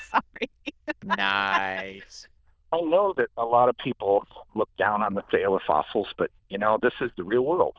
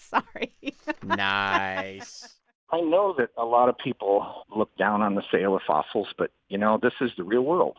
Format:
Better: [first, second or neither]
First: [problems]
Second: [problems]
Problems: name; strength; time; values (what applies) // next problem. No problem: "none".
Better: second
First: noise reduction (neural diffusion model UNIVERSE++)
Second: none